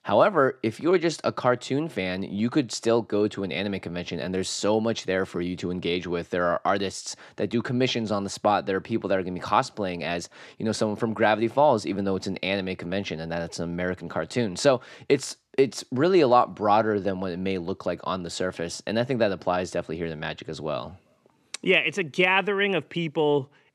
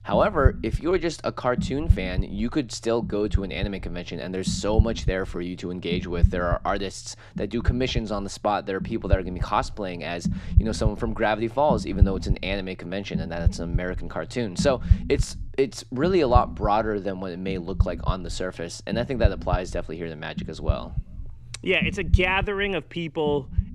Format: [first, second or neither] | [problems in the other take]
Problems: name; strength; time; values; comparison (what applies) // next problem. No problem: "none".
first | low rumble; noticeable; throughout; 15 dB below the speech